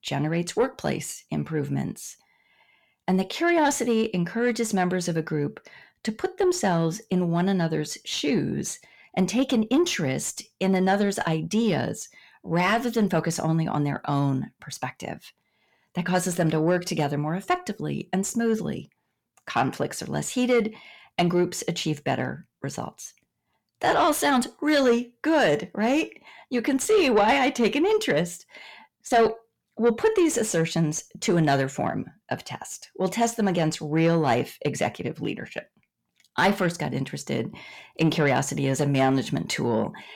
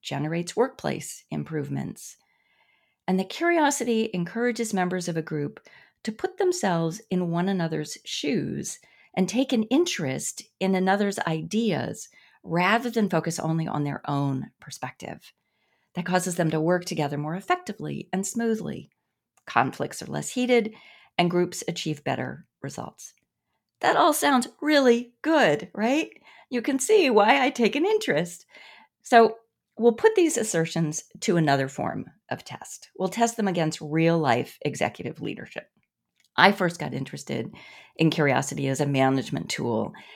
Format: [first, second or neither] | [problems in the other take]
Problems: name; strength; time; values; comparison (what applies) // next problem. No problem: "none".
second | distortion; slight; 10 dB below the speech